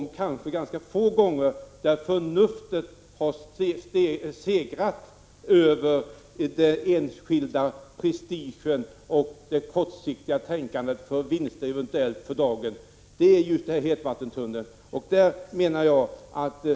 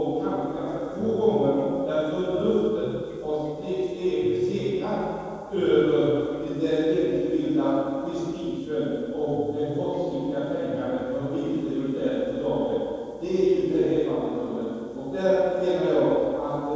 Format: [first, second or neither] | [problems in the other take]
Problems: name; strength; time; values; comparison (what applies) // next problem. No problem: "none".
first | noise reduction (neural separator model SepFormer DNS4)